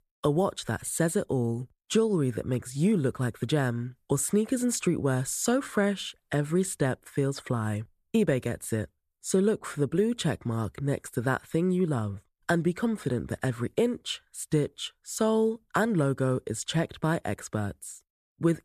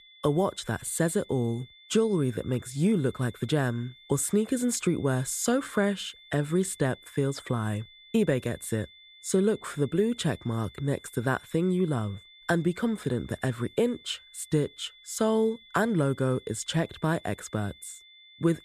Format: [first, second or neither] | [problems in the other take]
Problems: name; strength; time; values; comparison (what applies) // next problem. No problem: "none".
first | high-pitched whine; faint; throughout; 3.5 kHz, 25 dB below the speech